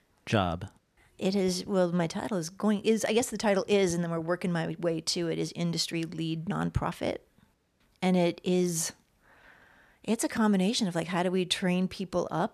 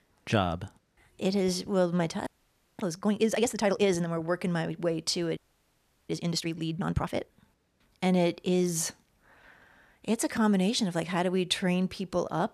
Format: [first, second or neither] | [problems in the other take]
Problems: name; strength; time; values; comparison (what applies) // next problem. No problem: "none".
first | audio freezing; at 2.5 s for 0.5 s and at 5.5 s for 0.5 s